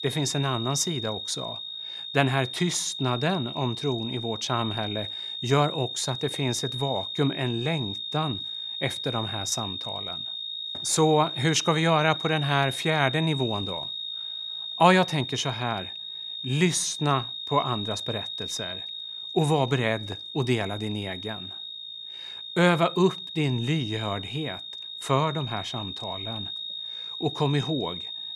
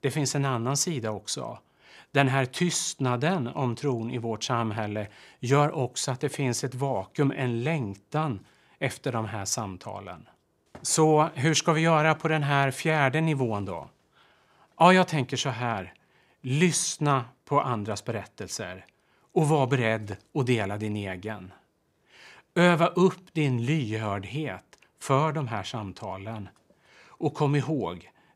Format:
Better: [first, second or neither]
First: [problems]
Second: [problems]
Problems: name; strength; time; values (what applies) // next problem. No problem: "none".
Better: second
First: high-pitched whine; loud; throughout; 3.5 kHz, 6 dB below the speech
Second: none